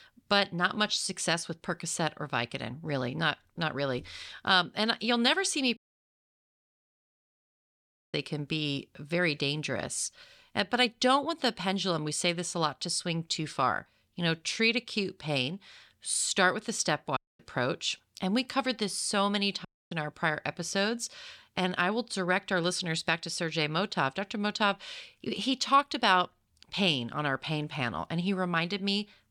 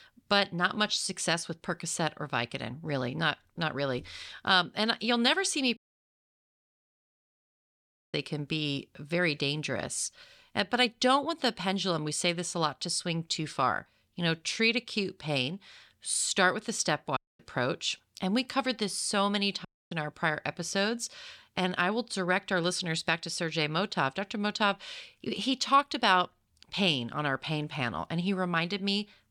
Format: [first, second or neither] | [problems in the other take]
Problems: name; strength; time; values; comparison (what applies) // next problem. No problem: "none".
neither | audio cutting out; at 6 s for 2.5 s, at 17 s and at 20 s; the same in both